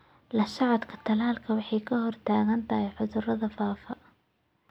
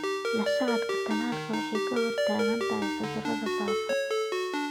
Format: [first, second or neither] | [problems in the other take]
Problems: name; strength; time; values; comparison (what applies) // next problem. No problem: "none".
first | background sound (Ringtone); 5 dB above the speech